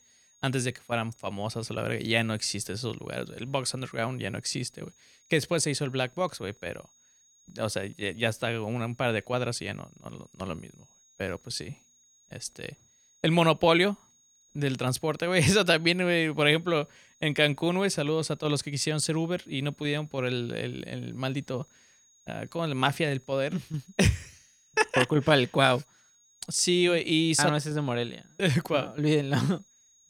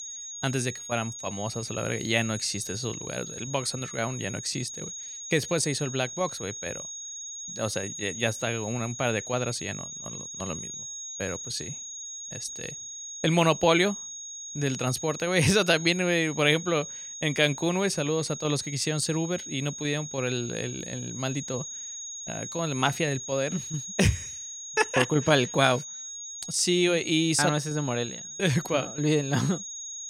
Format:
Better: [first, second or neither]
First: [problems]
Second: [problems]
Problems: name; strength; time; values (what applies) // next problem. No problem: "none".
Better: first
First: high-pitched whine; faint; throughout; 6.5 kHz, 30 dB below the speech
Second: high-pitched whine; loud; throughout; 6.5 kHz, 9 dB below the speech